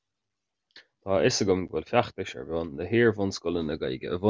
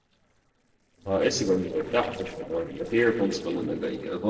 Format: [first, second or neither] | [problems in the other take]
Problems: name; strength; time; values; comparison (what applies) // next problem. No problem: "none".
first | noise reduction (neural separator model SepFormer DNS4)